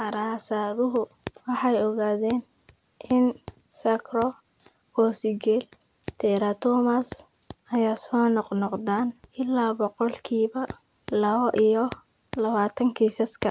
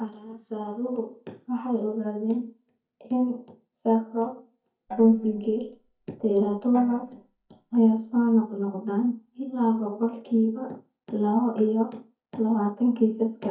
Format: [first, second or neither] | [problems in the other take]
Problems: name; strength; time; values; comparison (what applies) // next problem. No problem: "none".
first | noise reduction (neural mask model DeepFilterNet 3)